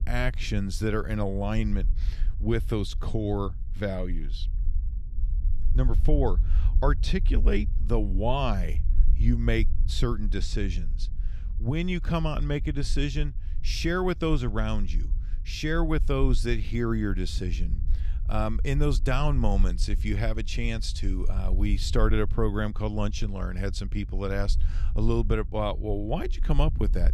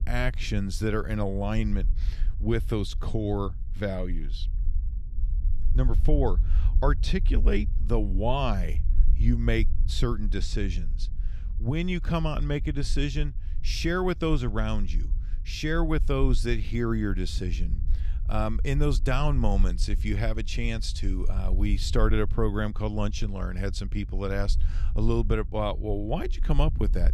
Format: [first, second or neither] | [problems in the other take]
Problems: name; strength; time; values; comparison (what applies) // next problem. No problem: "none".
neither | low rumble; faint; throughout; 20 dB below the speech; the same in both